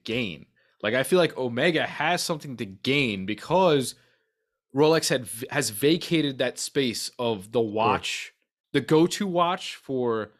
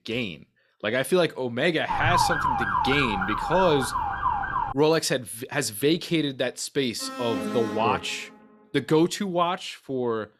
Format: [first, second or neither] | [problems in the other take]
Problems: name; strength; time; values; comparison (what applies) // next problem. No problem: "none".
first | siren; loud; from 2 to 4.5 s; peak 3 dB above the speech // alarm; noticeable; from 7 to 8.5 s; peak 4 dB below the speech